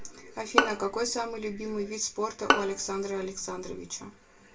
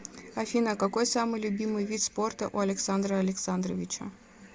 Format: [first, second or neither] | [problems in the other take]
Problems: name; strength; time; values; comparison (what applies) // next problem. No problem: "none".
second | background sound (Bowed string instrument); 2 dB above the speech // room echo; dies away in 0.2 s